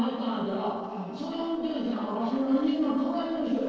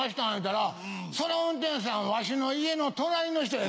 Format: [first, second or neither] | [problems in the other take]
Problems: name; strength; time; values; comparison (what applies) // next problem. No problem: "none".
second | noise reduction (neural separator model SepFormer DNS4)